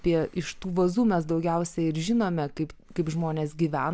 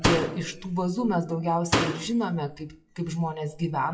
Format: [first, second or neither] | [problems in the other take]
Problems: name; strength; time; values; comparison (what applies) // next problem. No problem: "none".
first | noise reduction (classical method WPE with log-MMSE)